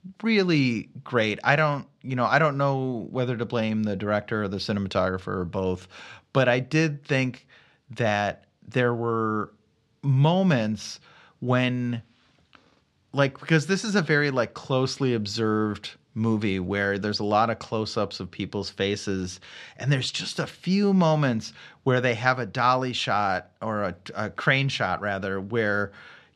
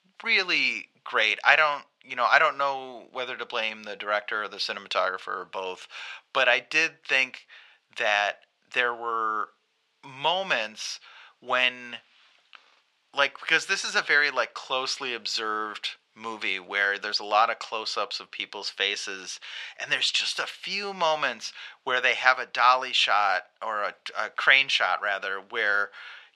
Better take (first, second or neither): first